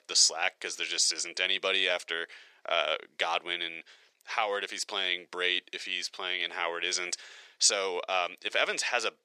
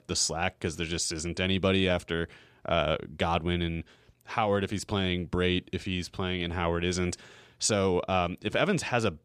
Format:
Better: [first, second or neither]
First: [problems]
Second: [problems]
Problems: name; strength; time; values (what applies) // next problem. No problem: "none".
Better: second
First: thin; very; fading below 450 Hz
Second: none